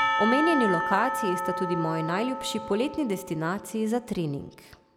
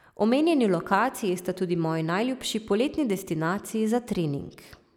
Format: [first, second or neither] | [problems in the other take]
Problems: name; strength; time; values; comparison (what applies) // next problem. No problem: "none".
second | background sound (Percussion); 3 dB below the speech